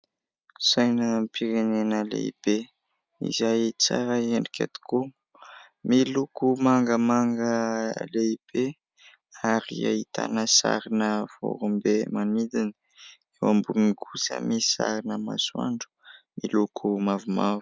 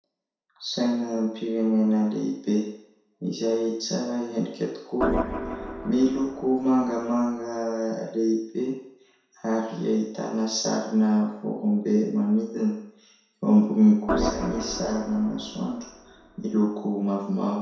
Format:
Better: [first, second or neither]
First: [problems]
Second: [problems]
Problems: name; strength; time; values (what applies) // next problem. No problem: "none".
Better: first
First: none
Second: background sound (Organ); 6 dB below the speech // room echo; dies away in 0.7 s